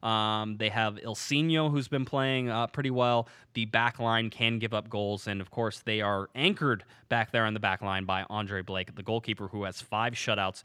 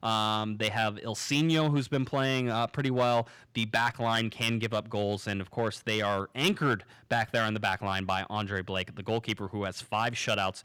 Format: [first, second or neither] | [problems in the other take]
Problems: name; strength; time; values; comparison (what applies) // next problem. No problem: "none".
first | distortion; slight; 3% of the sound clipped